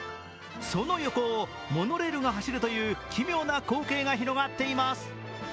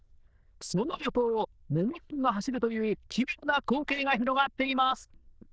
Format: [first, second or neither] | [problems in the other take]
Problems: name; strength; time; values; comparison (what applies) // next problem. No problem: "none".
first | noise reduction (neural diffusion model UNIVERSE++)